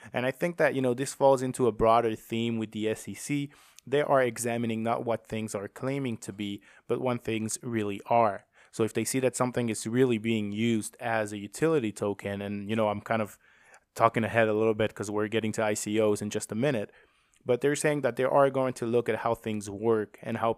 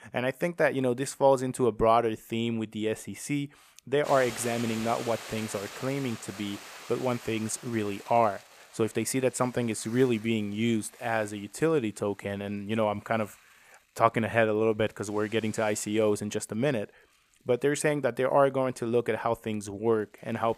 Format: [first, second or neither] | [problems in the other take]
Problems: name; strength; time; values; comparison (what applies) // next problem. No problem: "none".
first | hiss; noticeable; from 4 s on; 15 dB below the speech